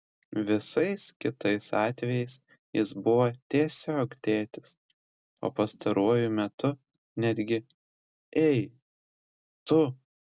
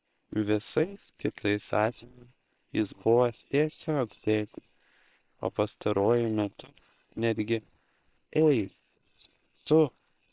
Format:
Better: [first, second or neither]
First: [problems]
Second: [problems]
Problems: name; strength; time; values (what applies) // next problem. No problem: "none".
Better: first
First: none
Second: noise reduction (neural separator model SepFormer WHAM!)